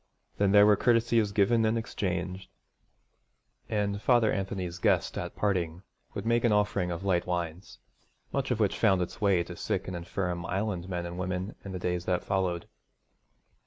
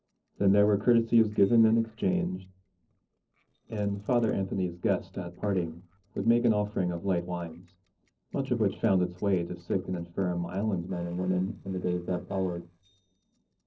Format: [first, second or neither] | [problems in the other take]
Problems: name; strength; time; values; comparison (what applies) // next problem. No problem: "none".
first | noise reduction (neural separator model SepFormer DNS4)